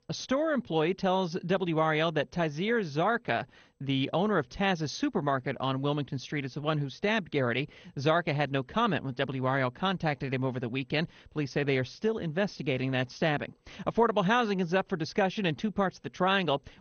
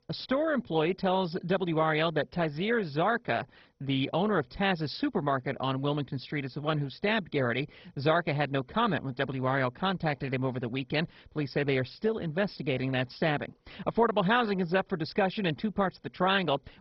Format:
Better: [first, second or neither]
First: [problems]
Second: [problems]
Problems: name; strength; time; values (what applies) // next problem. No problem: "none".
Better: first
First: garbled, watery; slightly; nothing above 6.5 kHz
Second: garbled, watery; badly; nothing above 5.5 kHz